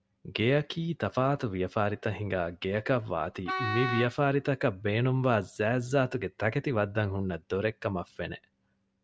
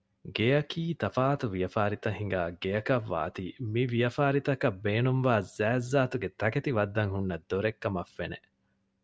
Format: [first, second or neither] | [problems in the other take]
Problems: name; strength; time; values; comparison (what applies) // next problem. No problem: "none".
second | background sound (Wind instrument, woodwind instrument); 5 dB below the speech